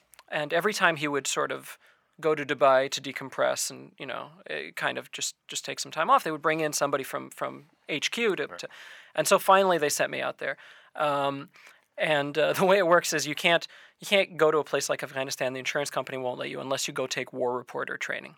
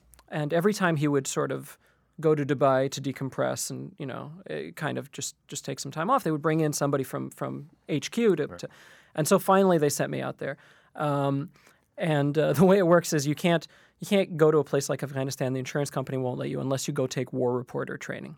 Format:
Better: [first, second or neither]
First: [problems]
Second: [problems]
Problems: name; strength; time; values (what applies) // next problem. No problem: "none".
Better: second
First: thin; somewhat; fading below 600 Hz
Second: none